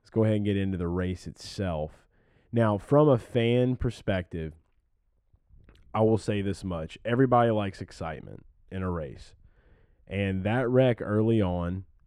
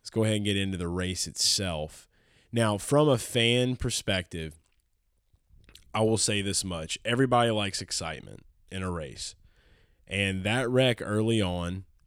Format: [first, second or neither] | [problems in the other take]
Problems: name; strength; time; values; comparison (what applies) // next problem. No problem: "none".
second | muffled; very; fading above 2.5 kHz